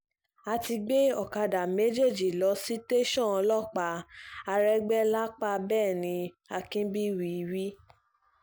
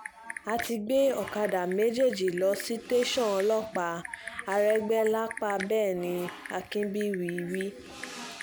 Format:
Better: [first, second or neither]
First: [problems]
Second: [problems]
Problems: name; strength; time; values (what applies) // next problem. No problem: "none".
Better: first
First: none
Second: background sound (Typing); 13 dB below the speech